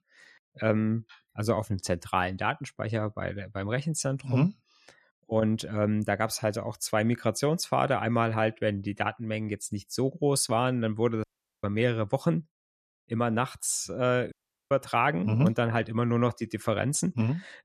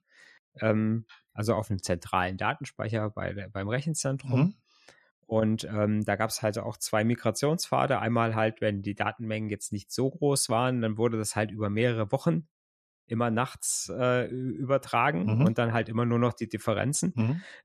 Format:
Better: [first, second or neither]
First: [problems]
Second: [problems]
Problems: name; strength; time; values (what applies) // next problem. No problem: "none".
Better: second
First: audio cutting out; at 11 s and at 14 s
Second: none